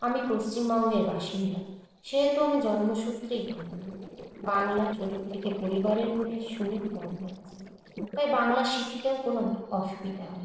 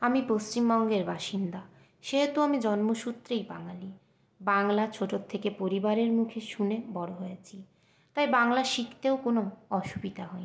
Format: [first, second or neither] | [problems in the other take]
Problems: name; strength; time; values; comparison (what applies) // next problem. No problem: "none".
second | noise reduction (neural separator model SepFormer DNS4)